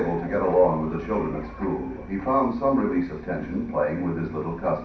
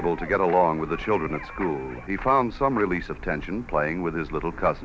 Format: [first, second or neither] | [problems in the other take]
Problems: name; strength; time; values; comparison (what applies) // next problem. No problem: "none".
second | background sound (Traffic noise, roadway noise); 18 dB below the speech // room echo; dies away in 0.6 s